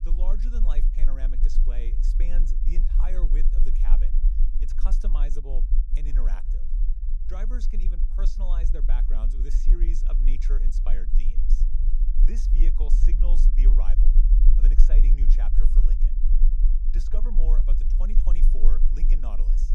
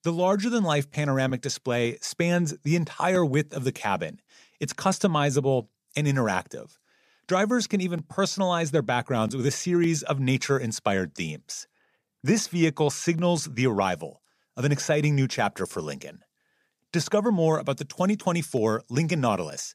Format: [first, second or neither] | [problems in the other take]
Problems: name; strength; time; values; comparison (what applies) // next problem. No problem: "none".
second | low rumble; loud; throughout; 5 dB below the speech